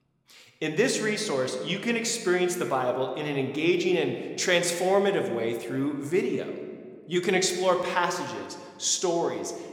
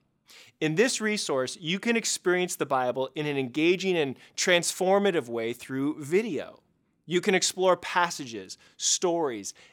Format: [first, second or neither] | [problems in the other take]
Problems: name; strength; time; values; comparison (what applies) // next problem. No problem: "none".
second | room echo; slight; dies away in 1.4 s